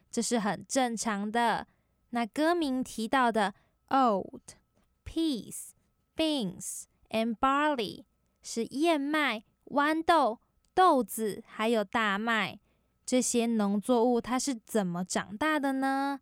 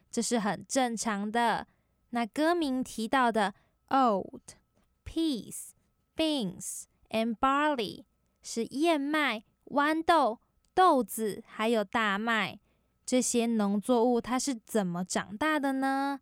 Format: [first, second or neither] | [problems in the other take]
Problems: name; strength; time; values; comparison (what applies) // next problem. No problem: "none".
neither | none